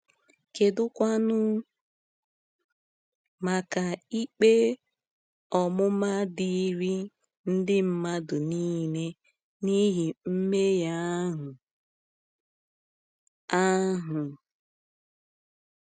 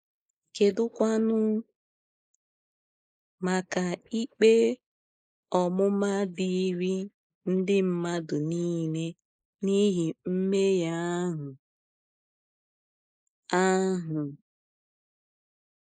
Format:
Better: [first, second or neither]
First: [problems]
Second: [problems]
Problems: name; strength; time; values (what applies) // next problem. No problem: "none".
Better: first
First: none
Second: noise reduction (neural mask model Resemble Enhance denoiser)